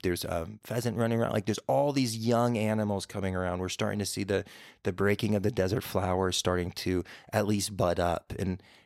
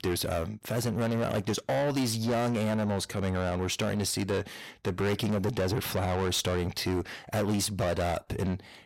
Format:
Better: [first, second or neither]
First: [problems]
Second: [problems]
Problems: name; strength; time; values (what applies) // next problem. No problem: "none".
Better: first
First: none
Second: distortion; heavy; 7 dB below the speech